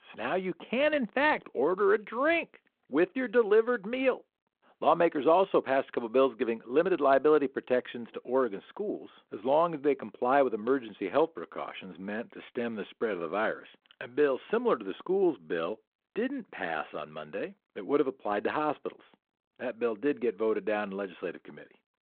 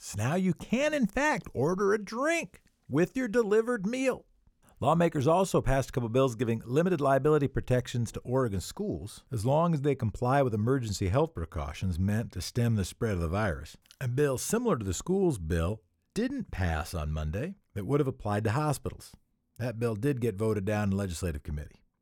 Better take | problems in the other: second | phone-call audio; nothing above 3.5 kHz

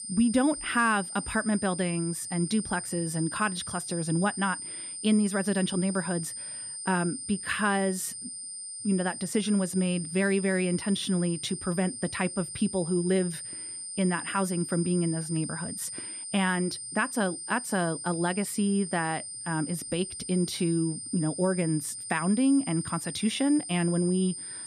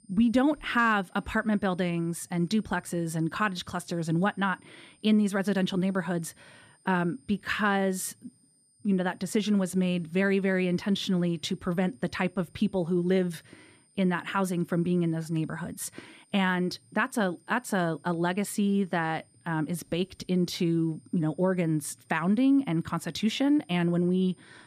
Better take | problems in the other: second | high-pitched whine; loud; throughout; 9 kHz, 7 dB below the speech; faint in the second

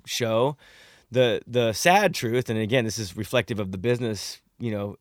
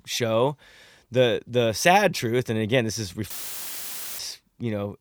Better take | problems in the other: first | audio cutting out; filled with static; at 3.5 s for 1 s

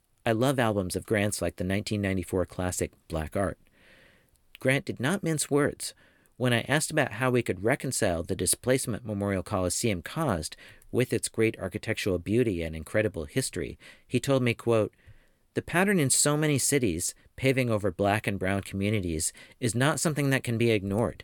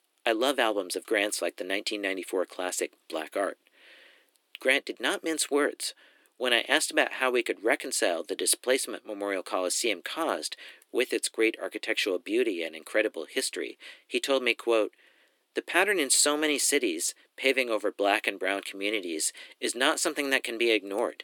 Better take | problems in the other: first | thin; somewhat; fading below 300 Hz

